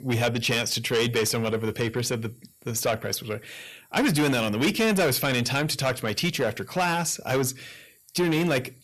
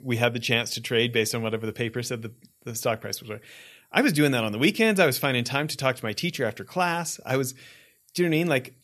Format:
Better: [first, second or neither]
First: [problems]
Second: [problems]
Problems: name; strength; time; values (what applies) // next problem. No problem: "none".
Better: second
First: distortion; heavy; 7 dB below the speech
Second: none